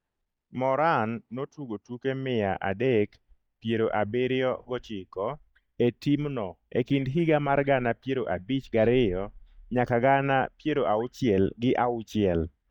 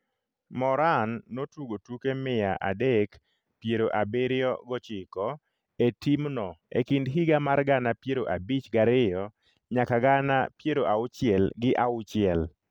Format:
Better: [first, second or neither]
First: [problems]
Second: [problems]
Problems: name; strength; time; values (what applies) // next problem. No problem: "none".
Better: second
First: noise reduction (neural mask model DeepFilterNet 3)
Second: none